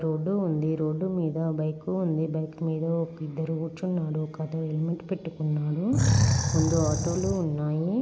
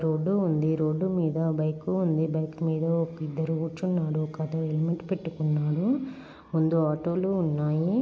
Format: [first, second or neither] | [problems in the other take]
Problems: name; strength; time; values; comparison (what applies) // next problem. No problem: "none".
second | background sound (Animal); 2 dB above the speech